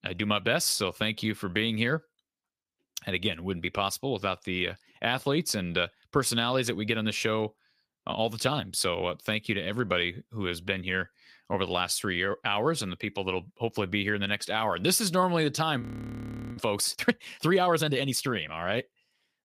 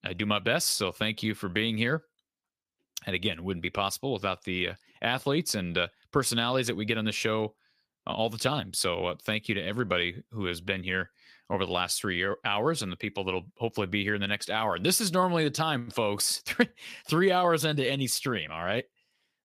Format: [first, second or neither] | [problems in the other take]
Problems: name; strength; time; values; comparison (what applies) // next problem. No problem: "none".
second | audio freezing; at 16 s for 0.5 s